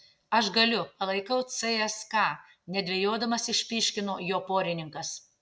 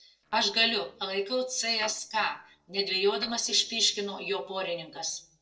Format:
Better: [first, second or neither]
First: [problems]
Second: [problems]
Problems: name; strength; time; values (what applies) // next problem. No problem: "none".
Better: first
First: none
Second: noise reduction (neural separator model SepFormer DNS4)